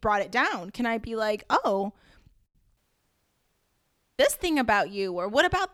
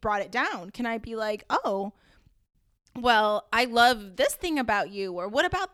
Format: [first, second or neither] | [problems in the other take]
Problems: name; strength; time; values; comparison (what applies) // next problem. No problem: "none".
second | audio cutting out; at 3 s for 1.5 s